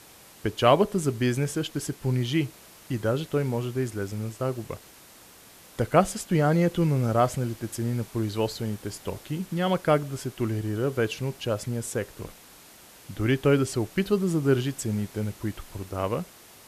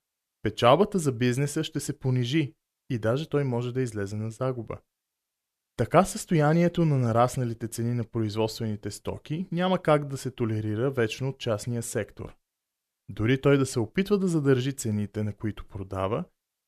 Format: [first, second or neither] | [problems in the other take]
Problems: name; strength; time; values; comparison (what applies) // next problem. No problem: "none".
second | hiss; faint; throughout; 20 dB below the speech